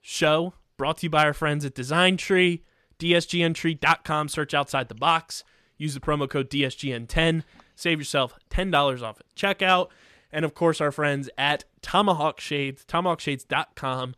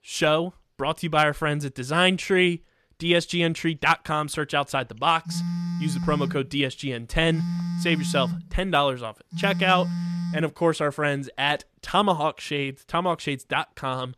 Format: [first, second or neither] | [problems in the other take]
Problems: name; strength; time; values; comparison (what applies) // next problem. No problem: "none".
first | phone ringing; noticeable; from 5.5 to 10 s; peak 3 dB below the speech